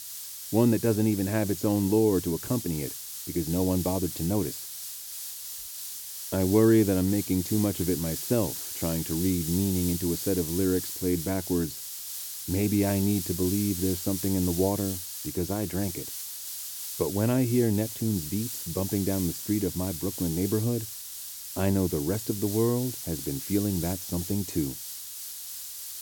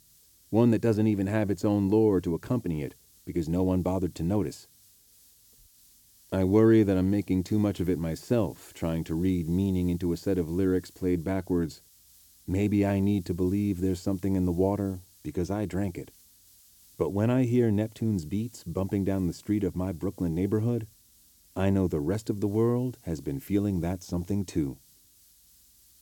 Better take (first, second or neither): second